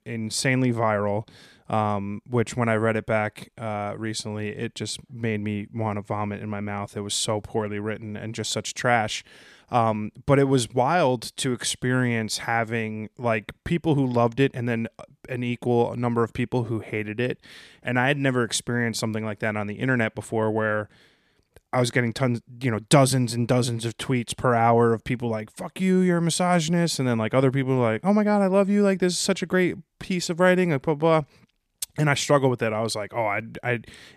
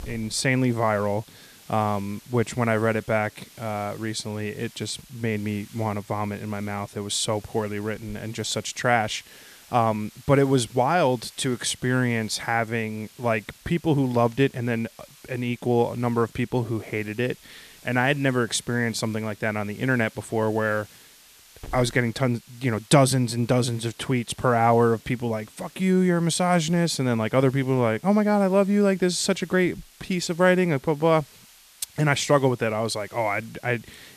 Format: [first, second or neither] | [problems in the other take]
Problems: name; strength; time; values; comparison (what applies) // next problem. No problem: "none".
first | hiss; faint; throughout; 25 dB below the speech